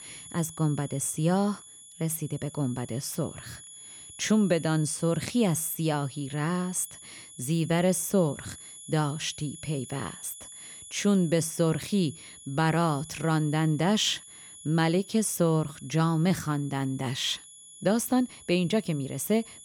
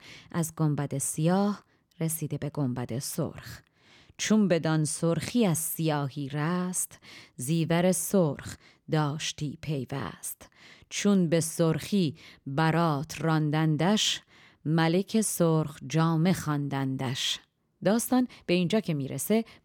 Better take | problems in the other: second | high-pitched whine; noticeable; throughout; 10.5 kHz, 15 dB below the speech

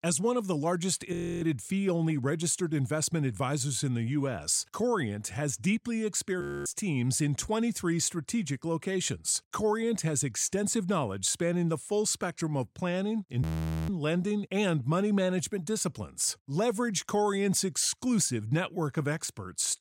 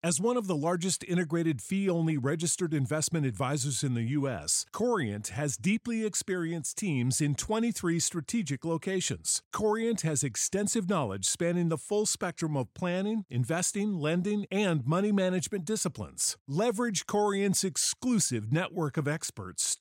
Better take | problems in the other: second | audio freezing; at 1 s, at 6.5 s and at 13 s

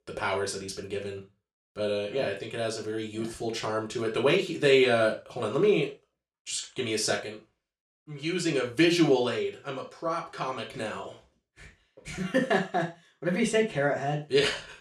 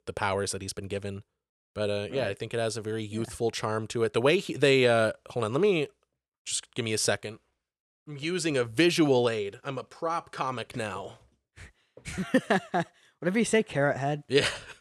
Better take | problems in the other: second | room echo; slight; dies away in 0.3 s // off-mic speech; somewhat distant

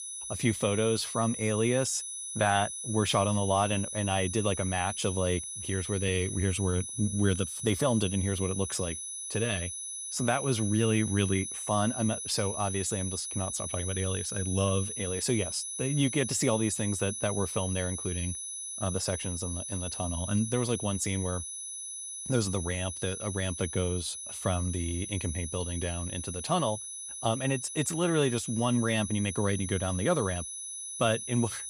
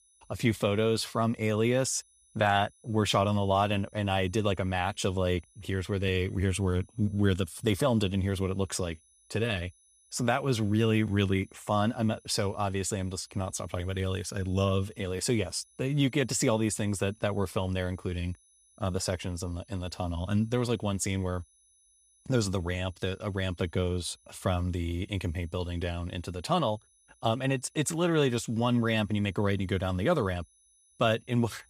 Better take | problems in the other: second | high-pitched whine; loud; throughout; 10 kHz, 5 dB below the speech; faint in the second

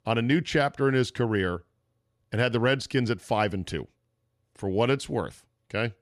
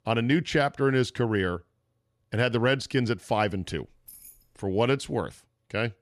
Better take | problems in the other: first | jangling keys; faint; at 4 s; peak 20 dB below the speech

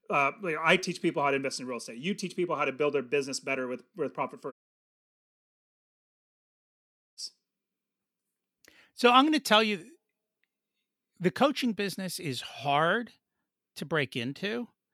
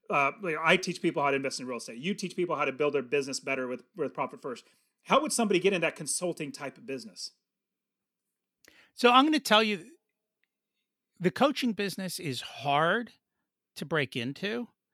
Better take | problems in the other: second | audio cutting out; at 4.5 s for 2.5 s

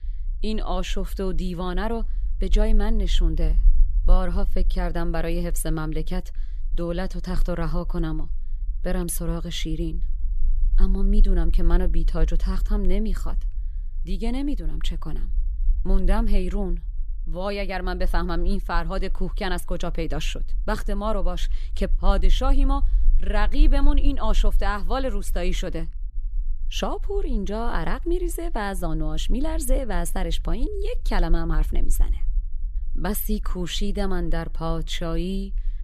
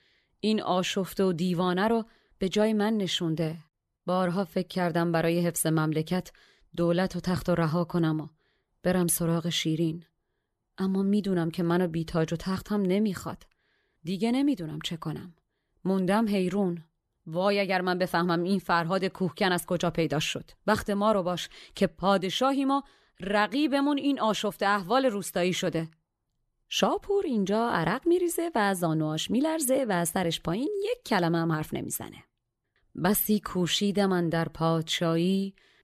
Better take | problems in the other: second | low rumble; faint; throughout; 25 dB below the speech

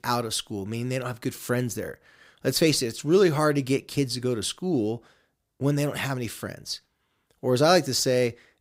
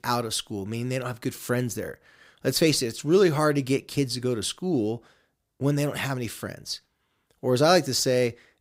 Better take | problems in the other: neither | none

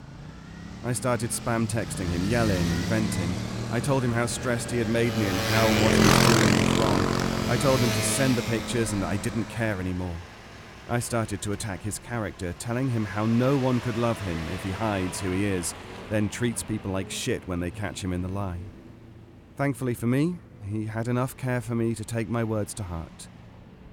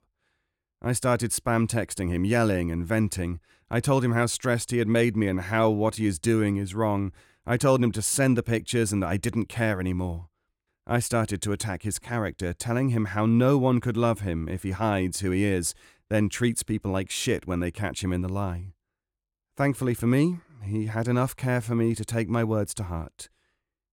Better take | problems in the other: second | traffic noise; very loud; throughout; as loud as the speech

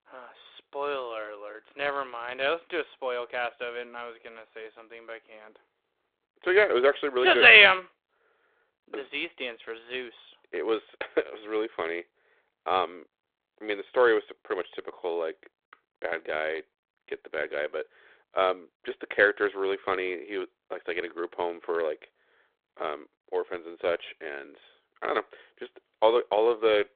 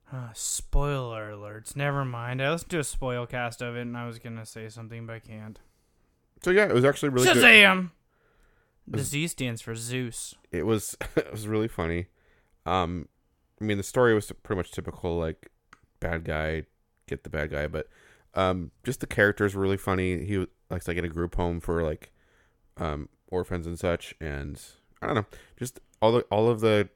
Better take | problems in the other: second | phone-call audio

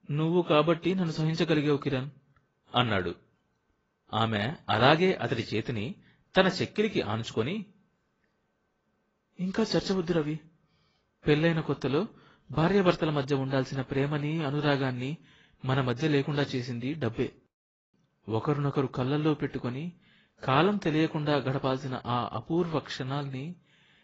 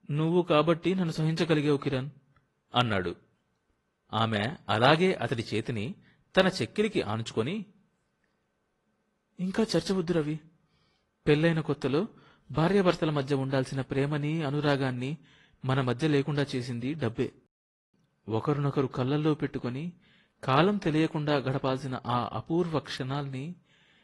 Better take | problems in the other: second | garbled, watery; badly; nothing above 7.5 kHz; slightly in the second

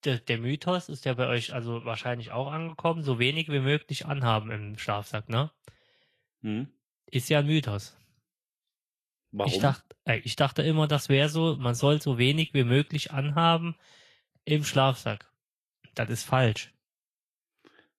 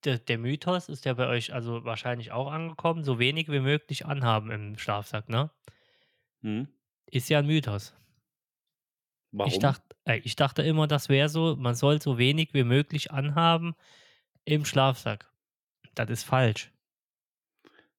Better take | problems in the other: second | garbled, watery; slightly; nothing above 13 kHz

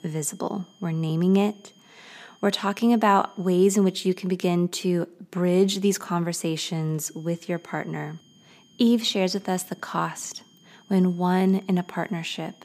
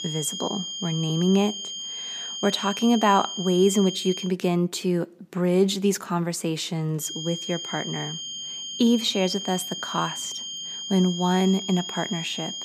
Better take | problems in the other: first | high-pitched whine; loud; until 4.5 s and from 7 s on; 3 kHz, 7 dB below the speech; faint in the first

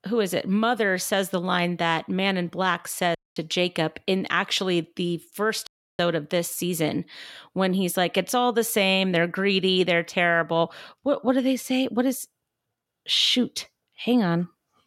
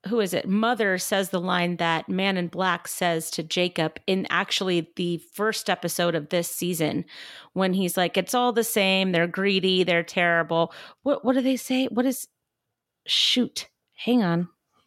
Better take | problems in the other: second | audio cutting out; at 3 s and at 5.5 s

